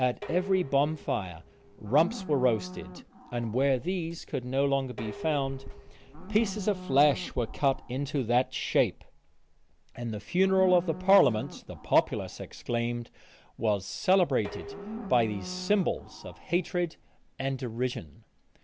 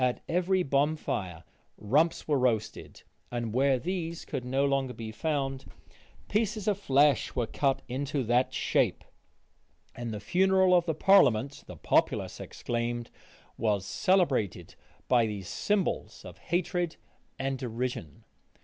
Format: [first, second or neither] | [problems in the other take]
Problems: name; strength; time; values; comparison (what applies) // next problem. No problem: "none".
second | background sound (Dishes, pots, and pans + Livestock, farm animals, working animals); 15 dB below the speech